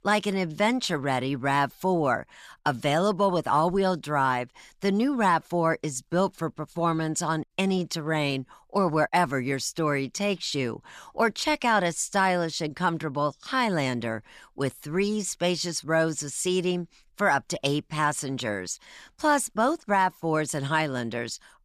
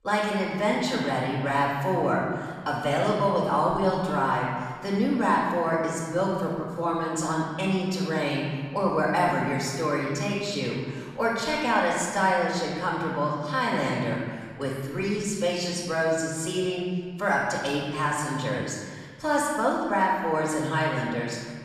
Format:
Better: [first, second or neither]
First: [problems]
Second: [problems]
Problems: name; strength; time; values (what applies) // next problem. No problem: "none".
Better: first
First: none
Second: off-mic speech; far // room echo; noticeable; dies away in 1.7 s